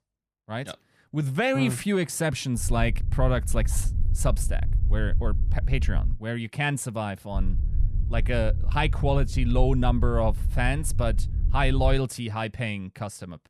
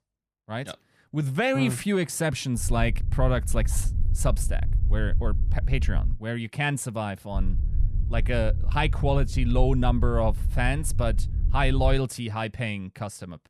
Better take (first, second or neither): neither